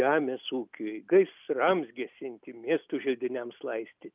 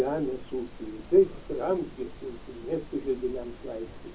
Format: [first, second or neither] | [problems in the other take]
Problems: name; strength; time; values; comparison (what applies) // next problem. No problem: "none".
first | background sound (Insect); 13 dB below the speech // room echo; dies away in 0.4 s